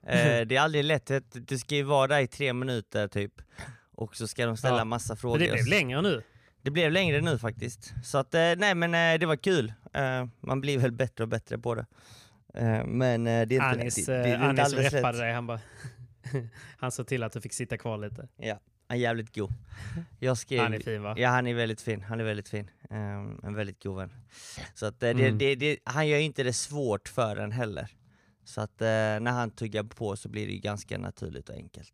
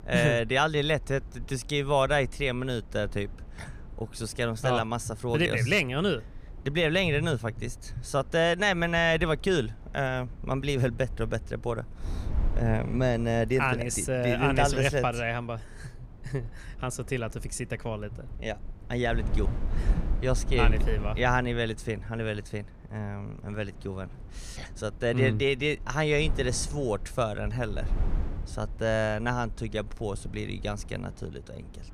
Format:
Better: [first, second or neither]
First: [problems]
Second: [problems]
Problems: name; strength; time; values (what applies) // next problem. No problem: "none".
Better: first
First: none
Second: wind noise on the microphone; occasional gusts; 20 dB below the speech